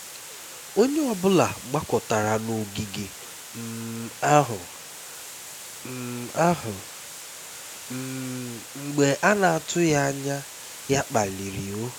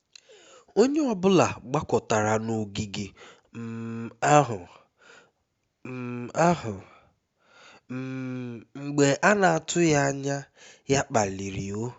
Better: second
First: background sound (Water); 14 dB below the speech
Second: none

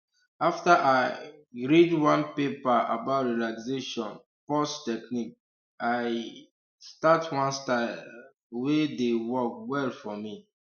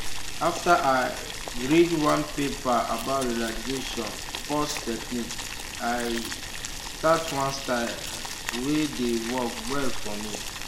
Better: first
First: none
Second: background sound (Boiling); 5 dB below the speech

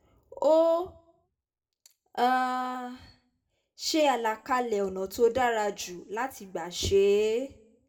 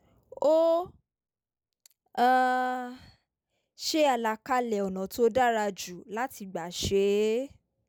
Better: second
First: room echo; dies away in 0.3 s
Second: none

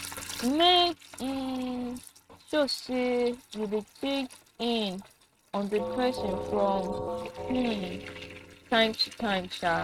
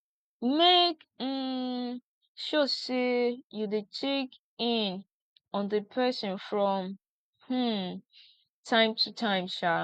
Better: second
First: noise reduction (neural mask model RNNoise)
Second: none

